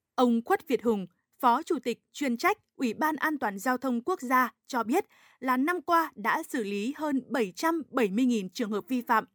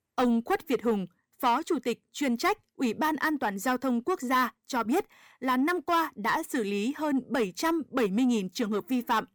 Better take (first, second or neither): first